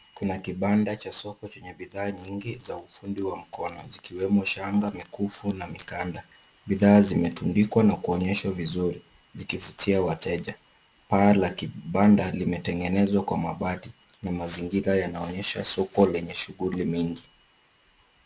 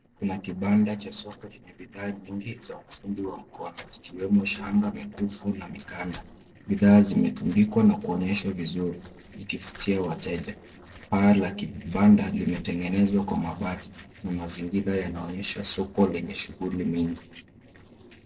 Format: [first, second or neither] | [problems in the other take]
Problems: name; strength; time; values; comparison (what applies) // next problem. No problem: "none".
first | noise reduction (neural separator model SepFormer DNS4)